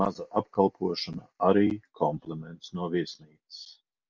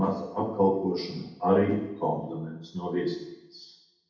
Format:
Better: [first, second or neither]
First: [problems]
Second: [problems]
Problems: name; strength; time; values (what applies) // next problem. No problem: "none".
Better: first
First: none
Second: room echo; dies away in 0.8 s